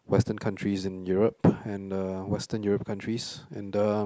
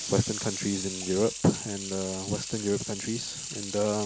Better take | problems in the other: first | background sound (Sink (filling or washing) / Water tap, faucet); 7 dB below the speech

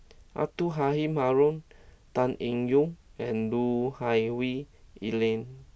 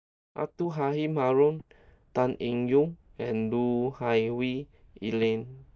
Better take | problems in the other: first | noise reduction (neural mask model DeepFilterNet 3)

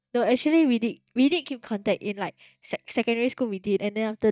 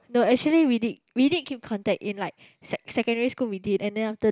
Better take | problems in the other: second | noise reduction (neural mask model DeepFilterNet 3)

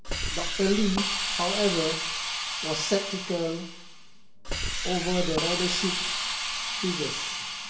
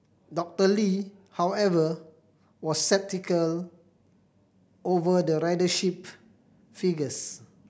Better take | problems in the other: second | background sound (Hiss); as loud as the speech // room echo; dies away in 0.5 s

